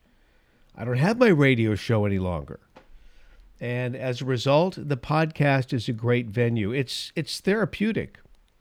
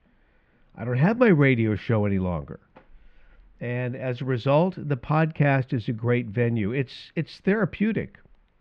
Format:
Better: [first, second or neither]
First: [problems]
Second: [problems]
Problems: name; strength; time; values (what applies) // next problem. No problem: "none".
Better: first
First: none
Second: muffled; slightly; fading above 2 kHz